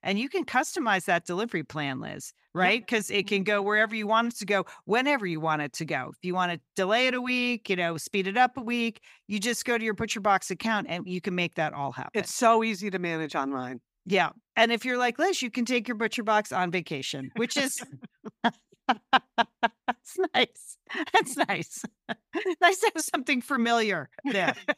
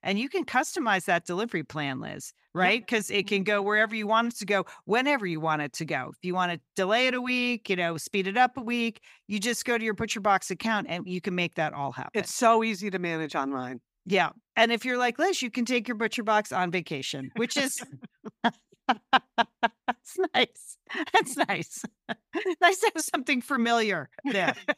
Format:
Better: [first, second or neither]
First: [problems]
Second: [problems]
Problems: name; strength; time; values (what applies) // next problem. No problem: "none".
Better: neither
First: none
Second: none